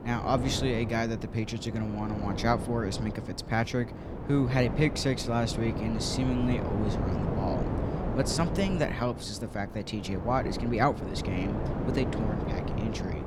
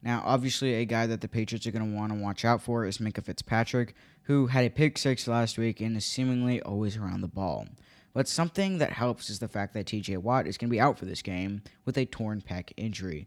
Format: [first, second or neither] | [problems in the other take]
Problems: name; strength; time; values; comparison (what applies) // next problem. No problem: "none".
second | wind noise on the microphone; heavy; 6 dB below the speech